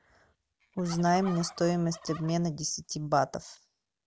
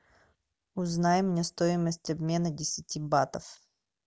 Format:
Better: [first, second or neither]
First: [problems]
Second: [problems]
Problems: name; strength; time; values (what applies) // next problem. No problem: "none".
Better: second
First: background sound (Fowl); 17 dB below the speech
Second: none